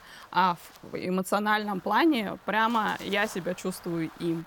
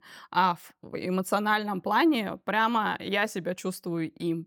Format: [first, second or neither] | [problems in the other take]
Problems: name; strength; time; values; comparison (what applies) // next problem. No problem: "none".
second | wind noise on the microphone; occasional gusts; 20 dB below the speech